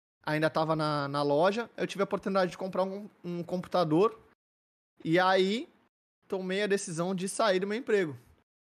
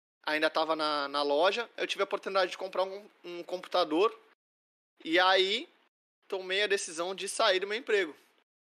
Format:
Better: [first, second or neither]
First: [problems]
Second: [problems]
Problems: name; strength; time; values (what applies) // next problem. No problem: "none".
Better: first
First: none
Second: thin; somewhat; fading below 300 Hz